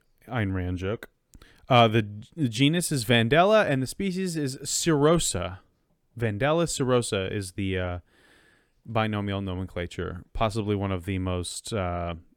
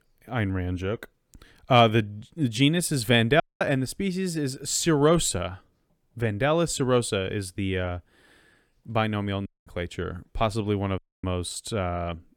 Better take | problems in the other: first | audio cutting out; at 3.5 s, at 9.5 s and at 11 s

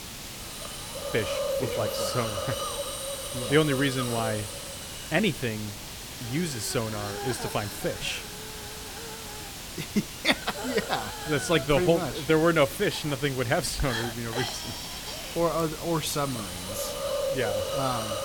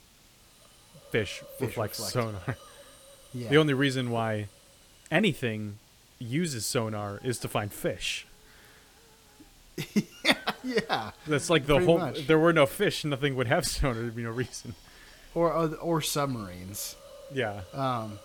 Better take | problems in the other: second | hiss; loud; throughout; 5 dB below the speech; faint in the second

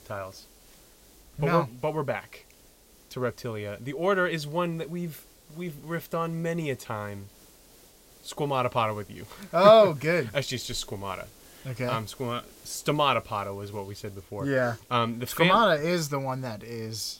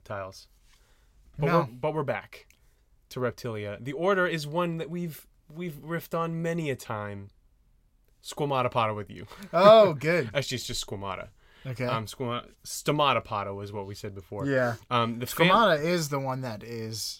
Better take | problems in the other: second | hiss; faint; throughout; 25 dB below the speech

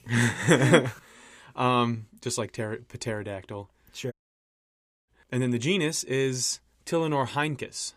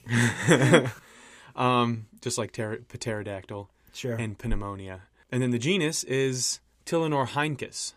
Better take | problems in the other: second | audio cutting out; at 4 s for 1 s

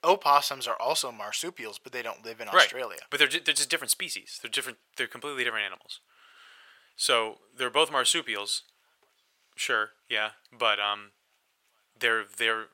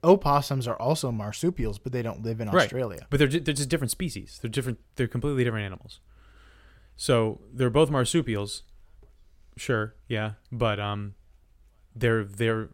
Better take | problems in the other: second | thin; very; fading below 850 Hz

